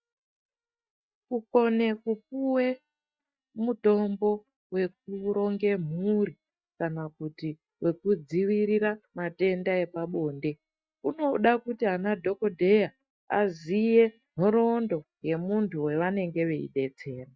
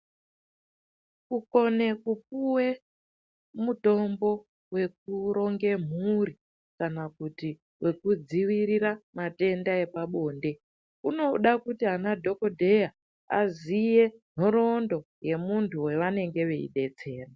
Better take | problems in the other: second | noise reduction (neural mask model DeepFilterNet 3)

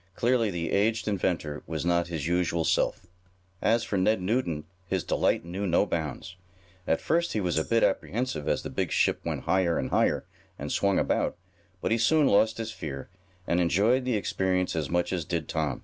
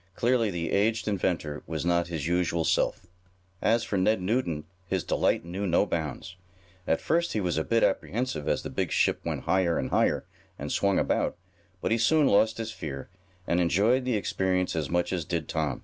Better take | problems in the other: second | background sound (Tambourine); 14 dB below the speech

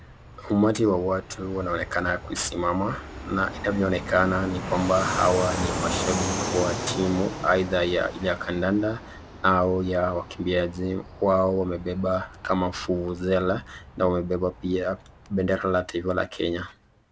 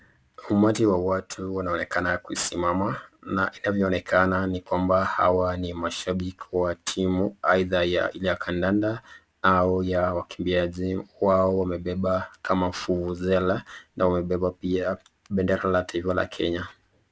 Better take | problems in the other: second | background sound (Fixed-wing aircraft, airplane); 9 dB below the speech

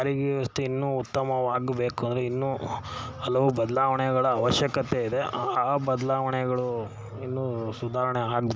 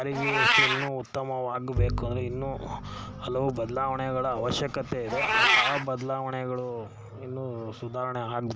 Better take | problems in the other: first | background sound (Bowed string instrument + Meow); 1 dB above the speech

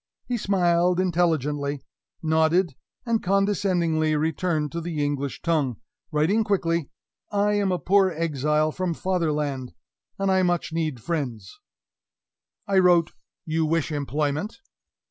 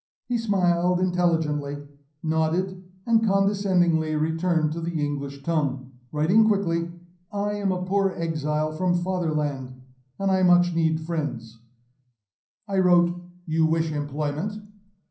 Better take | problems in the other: first | room echo; dies away in 0.6 s

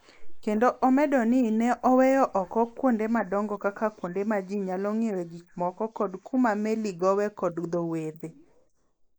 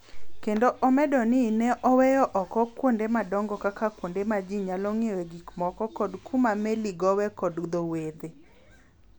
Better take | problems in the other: second | noise reduction (neural mask model Resemble Enhance denoiser)

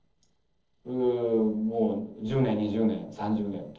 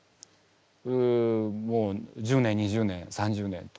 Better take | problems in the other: second | noise reduction (neural separator model SepFormer DNS4)

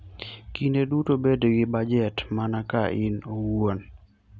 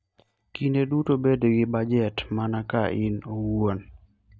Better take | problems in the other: first | noise reduction (neural mask model DeepFilterNet 3)

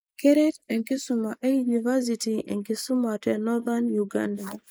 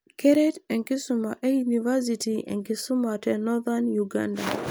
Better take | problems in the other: second | noise reduction (neural mask model Resemble Enhance denoiser)

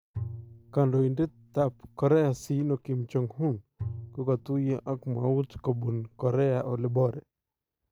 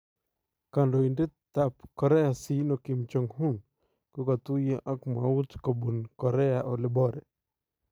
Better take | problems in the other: second | background sound (Bowed string instrument); 15 dB below the speech

